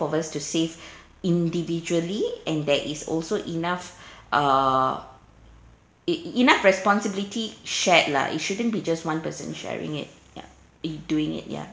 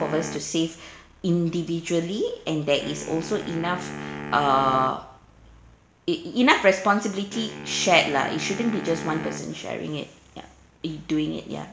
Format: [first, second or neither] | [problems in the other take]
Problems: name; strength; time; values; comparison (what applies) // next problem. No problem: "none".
first | background sound (Wind instrument, woodwind instrument); 13 dB below the speech